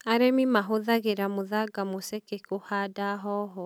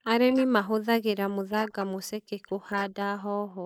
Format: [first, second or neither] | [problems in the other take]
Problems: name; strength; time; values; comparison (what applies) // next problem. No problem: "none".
first | noise reduction (neural mask model Resemble Enhance denoiser)